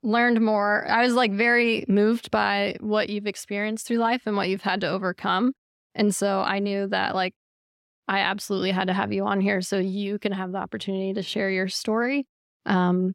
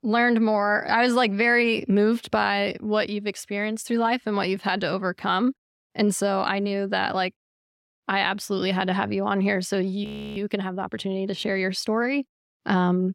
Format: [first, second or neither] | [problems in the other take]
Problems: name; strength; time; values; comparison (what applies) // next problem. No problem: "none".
first | audio freezing; at 10 s